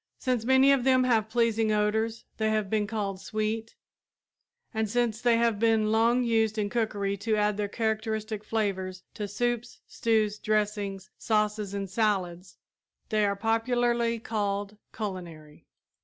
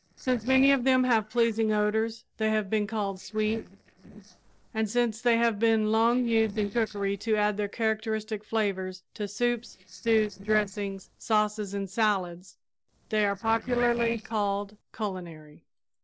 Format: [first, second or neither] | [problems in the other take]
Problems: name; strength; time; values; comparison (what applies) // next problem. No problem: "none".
first | noise reduction (neural separator model SepFormer DNS4)